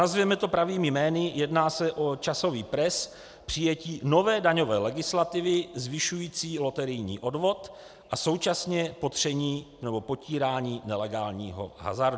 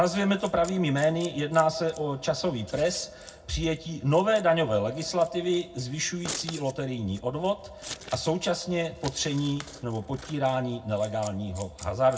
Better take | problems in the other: first | background sound (Scissors); 18 dB below the speech // room echo; dies away in 0.4 s

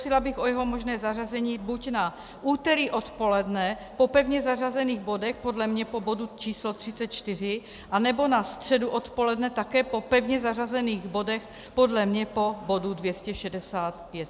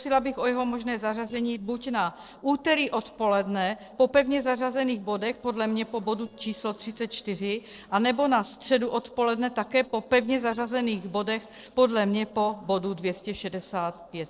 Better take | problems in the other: first | noise reduction (neural separator model SepFormer DNS4)

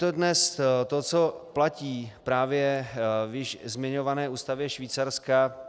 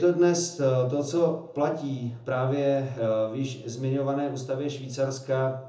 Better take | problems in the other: first | room echo; dies away in 0.6 s

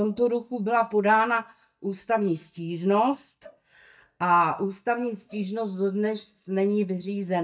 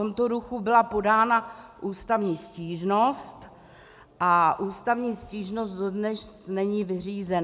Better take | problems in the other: second | noise reduction (neural mask model DeepFilterNet 3)

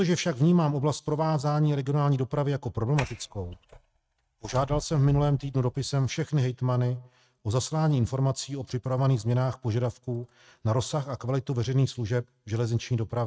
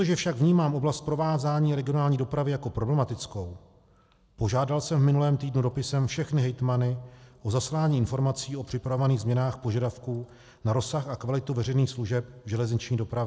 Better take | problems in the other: second | noise reduction (neural mask model RNNoise)

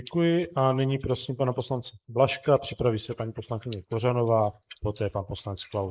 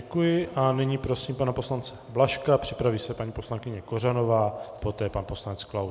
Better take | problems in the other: second | noise reduction (neural mask model Resemble Enhance denoiser)

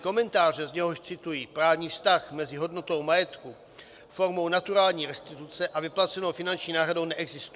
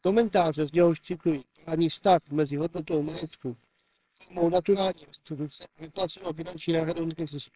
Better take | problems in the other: first | noise reduction (neural separator model SepFormer WHAMR!)

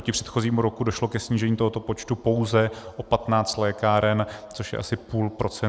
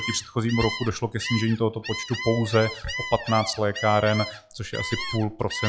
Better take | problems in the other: first | noise reduction (classical method log-MMSE)

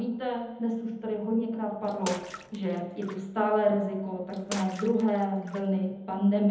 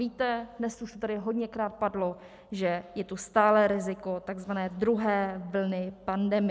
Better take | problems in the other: second | background sound (Bathtub (filling or washing) / Water / Splash, splatter); 15 dB below the speech // room echo; dies away in 1 s

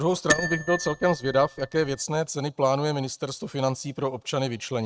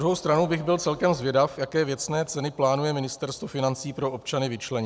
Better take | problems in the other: second | noise reduction (neural mask model RNNoise)

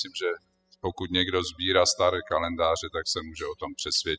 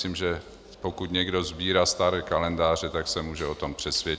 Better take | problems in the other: second | noise reduction (classical method spectral subtraction)

